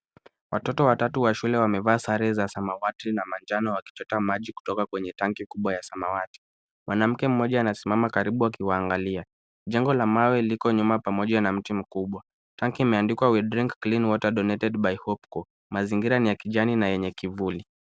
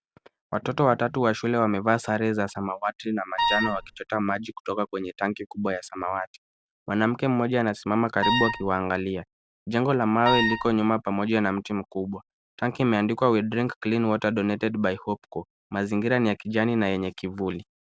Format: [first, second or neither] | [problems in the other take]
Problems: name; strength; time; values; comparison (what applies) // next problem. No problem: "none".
first | background sound (Wind instrument, woodwind instrument); 1 dB below the speech